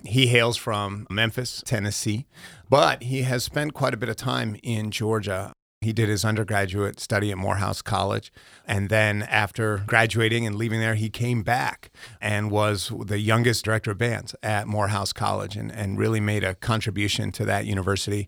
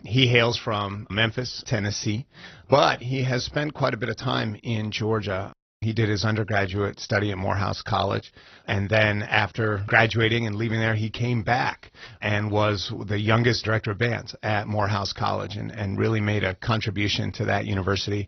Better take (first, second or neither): first